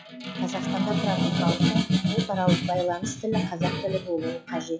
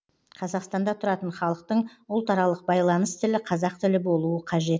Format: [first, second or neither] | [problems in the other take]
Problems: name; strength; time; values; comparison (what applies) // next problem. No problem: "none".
second | noise reduction (classical method log-MMSE)